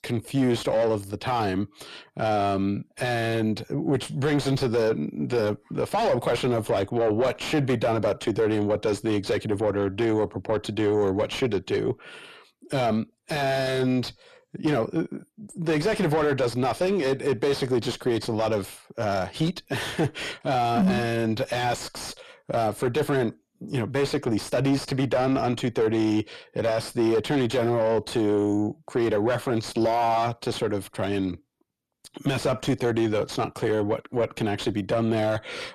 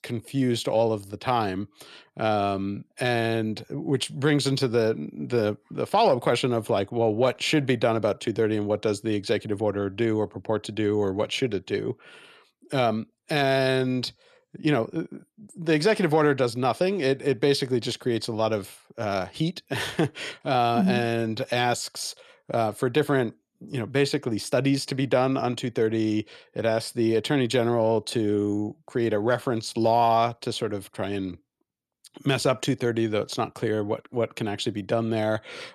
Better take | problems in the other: second | distortion; heavy; 7 dB below the speech

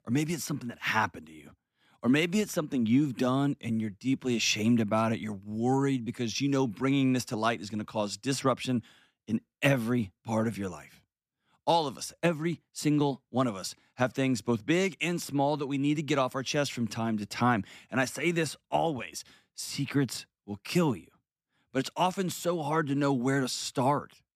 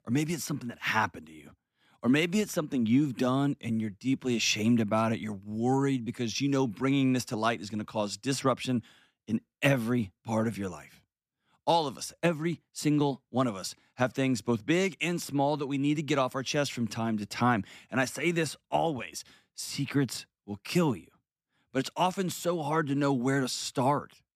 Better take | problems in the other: neither | none

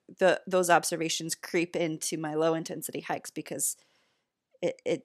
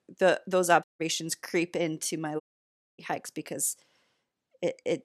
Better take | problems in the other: first | audio cutting out; at 1 s and at 2.5 s for 0.5 s

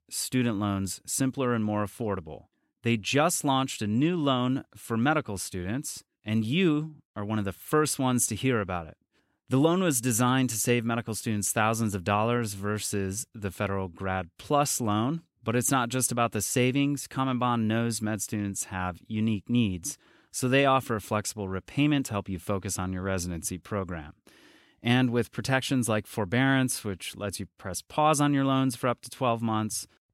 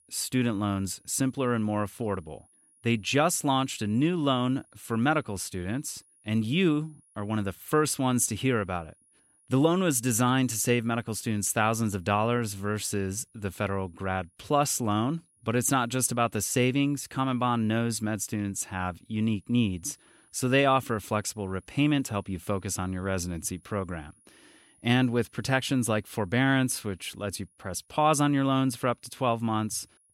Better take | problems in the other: first | high-pitched whine; faint; throughout; 10.5 kHz, 35 dB below the speech

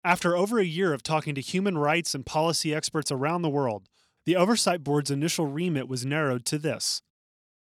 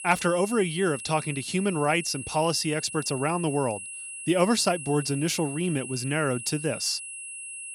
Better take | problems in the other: first | high-pitched whine; loud; throughout; 10 kHz, 9 dB below the speech

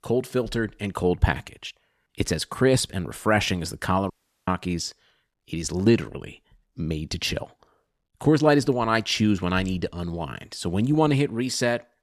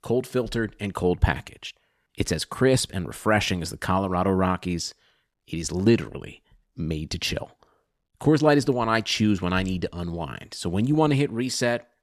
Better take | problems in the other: second | audio cutting out; at 4 s

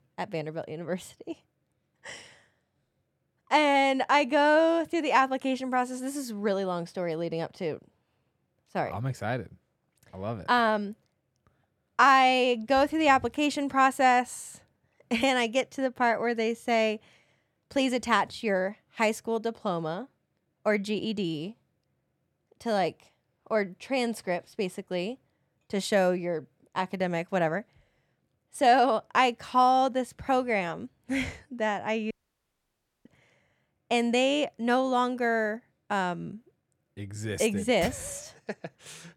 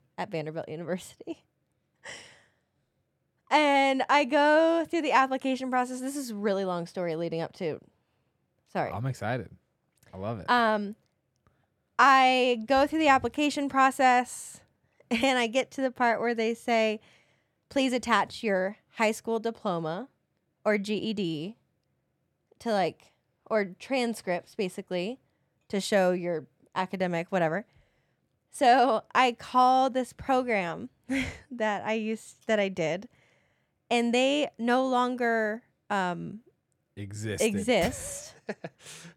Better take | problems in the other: second | audio cutting out; at 32 s for 1 s

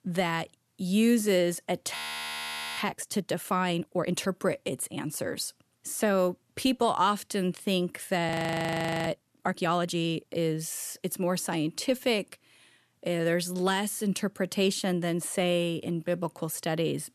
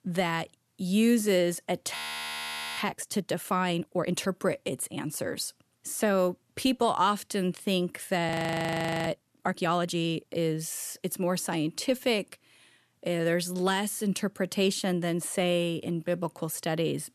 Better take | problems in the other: neither | audio freezing; at 2 s for 1 s and at 8.5 s for 1 s; the same in both

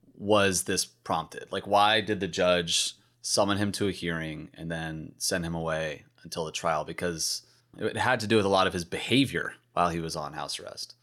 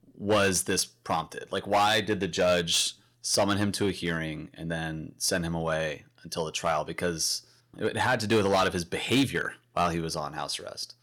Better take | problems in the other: first | distortion; slight; 3% of the sound clipped

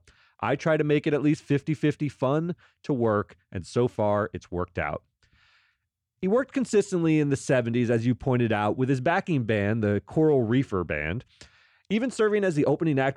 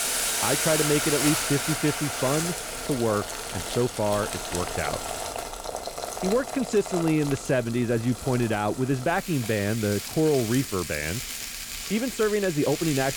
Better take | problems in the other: first | household noises; loud; throughout; 4 dB below the speech

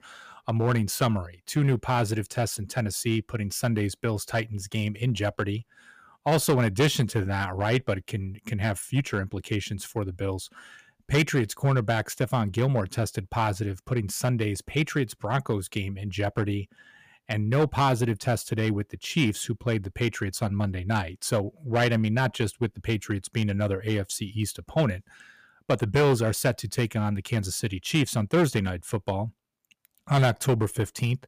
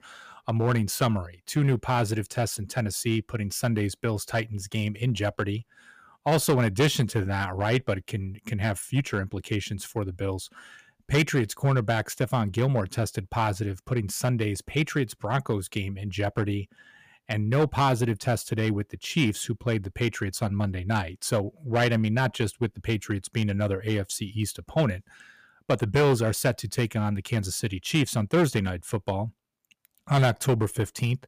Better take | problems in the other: neither | distortion; slight; 3% of the sound clipped; the same in both

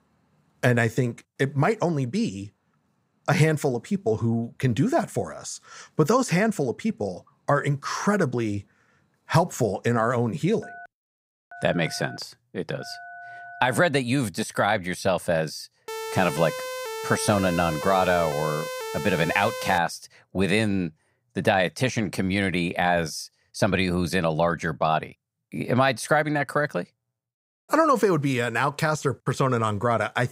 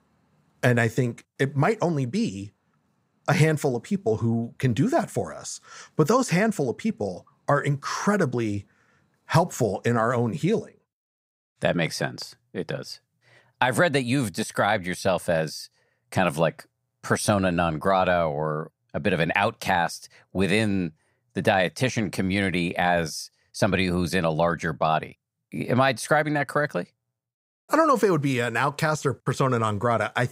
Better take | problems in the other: second | phone ringing; faint; from 11 to 14 s; peak 15 dB below the speech // siren; noticeable; from 16 to 20 s; peak 7 dB below the speech

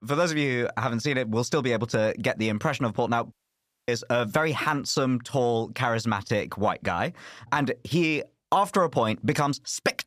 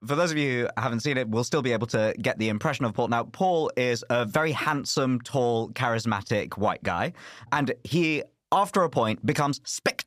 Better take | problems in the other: second | audio cutting out; at 3.5 s for 0.5 s

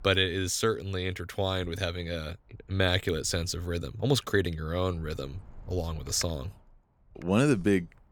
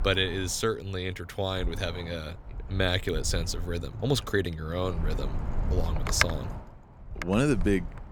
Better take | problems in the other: first | wind noise on the microphone; heavy; 5 dB below the speech; occasional gusts in the first

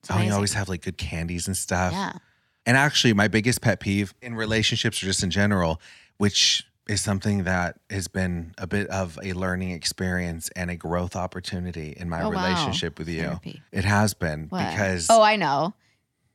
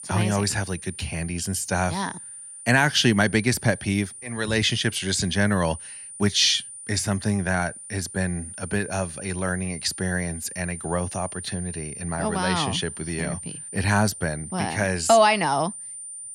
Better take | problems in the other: first | high-pitched whine; noticeable; throughout; 9 kHz, 10 dB below the speech

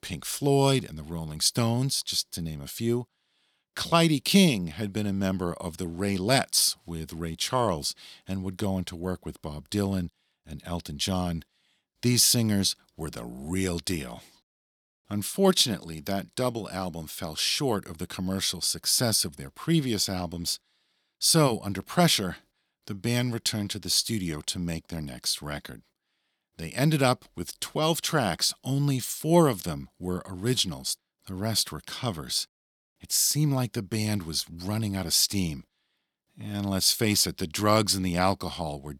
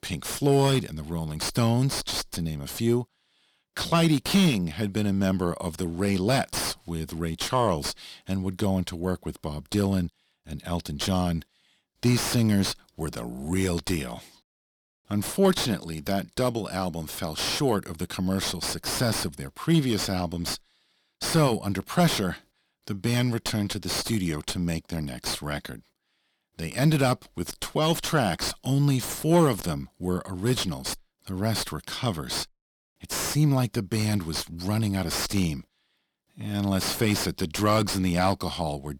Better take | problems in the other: first | distortion; heavy; 5 dB below the speech

